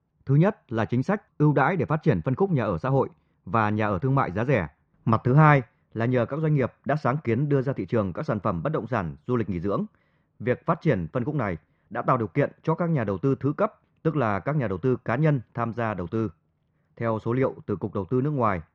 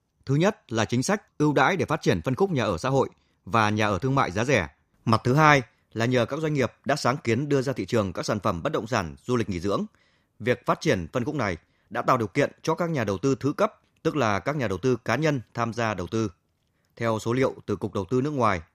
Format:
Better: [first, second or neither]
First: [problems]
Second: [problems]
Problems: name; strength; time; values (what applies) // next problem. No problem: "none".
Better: second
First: muffled; very; fading above 2 kHz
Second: none